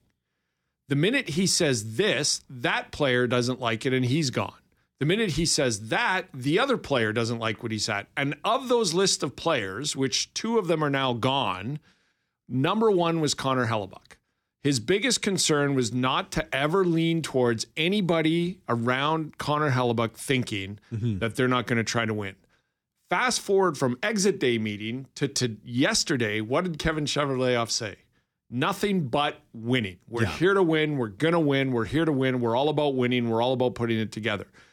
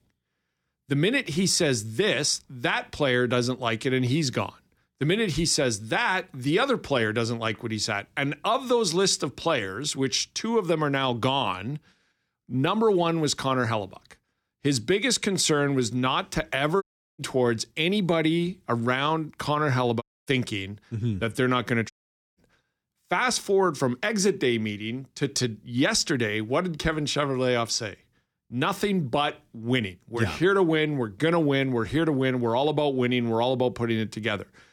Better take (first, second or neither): first